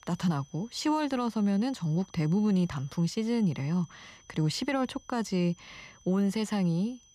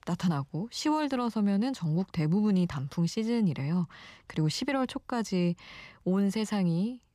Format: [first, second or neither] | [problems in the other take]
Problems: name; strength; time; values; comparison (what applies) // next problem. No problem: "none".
second | high-pitched whine; faint; throughout; 6 kHz, 25 dB below the speech